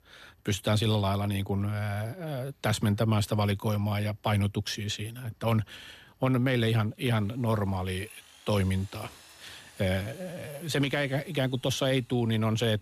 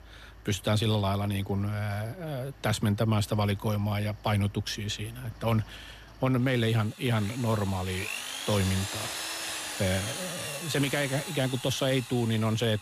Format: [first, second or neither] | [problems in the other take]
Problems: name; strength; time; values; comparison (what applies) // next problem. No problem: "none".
first | machinery noise; loud; throughout; 7 dB below the speech; faint in the first